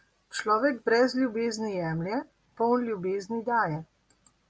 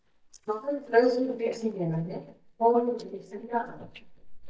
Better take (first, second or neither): first